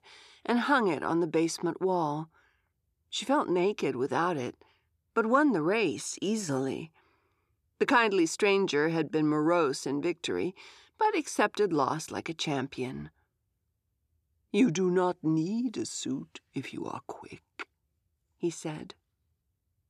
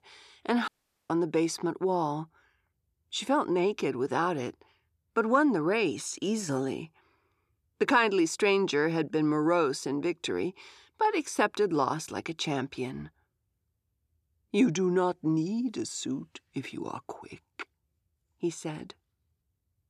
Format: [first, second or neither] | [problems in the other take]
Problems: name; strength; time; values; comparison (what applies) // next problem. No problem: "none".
first | audio cutting out; at 0.5 s